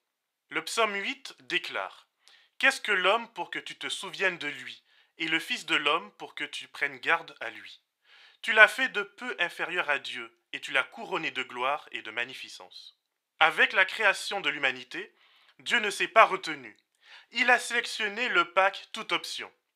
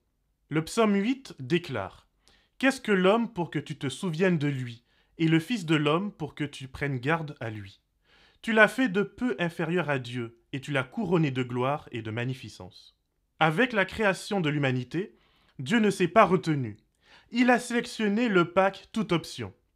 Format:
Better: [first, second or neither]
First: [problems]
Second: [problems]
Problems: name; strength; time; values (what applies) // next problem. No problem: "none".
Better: second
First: thin; very; fading below 700 Hz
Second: none